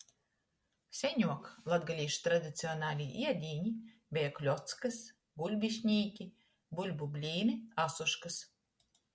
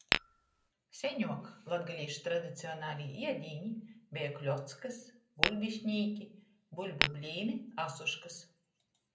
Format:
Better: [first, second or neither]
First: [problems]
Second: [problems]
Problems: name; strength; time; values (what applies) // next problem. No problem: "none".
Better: first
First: none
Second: background sound (Tap / Glass); 4 dB above the speech // room echo; dies away in 0.5 s